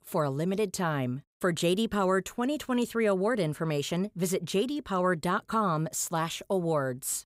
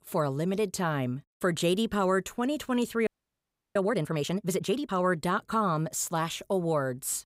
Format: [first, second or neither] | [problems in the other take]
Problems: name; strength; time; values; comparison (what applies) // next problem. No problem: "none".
first | audio freezing; at 3 s for 0.5 s